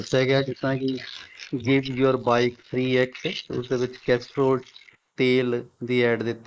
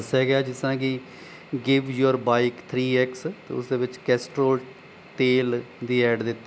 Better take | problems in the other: second | noise reduction (neural mask model Resemble Enhance denoiser)

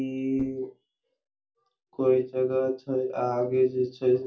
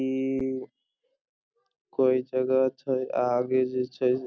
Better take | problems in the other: second | room echo; dies away in 0.2 s

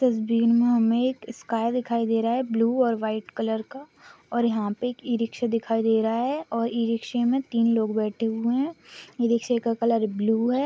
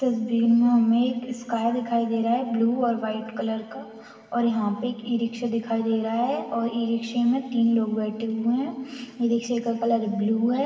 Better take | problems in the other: first | room echo; dies away in 2.5 s

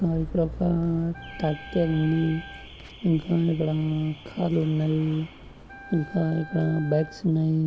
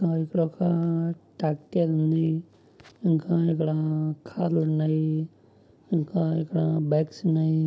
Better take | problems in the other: second | background sound (Alarm / Car + Wind instrument, woodwind instrument); 16 dB below the speech

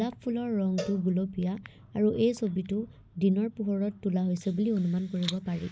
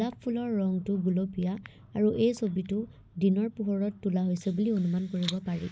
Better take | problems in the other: second | background sound (Cowbell); 16 dB below the speech

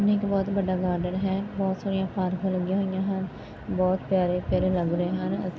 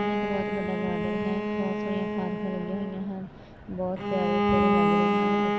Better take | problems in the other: first | background sound (Bowed string instrument); 5 dB above the speech

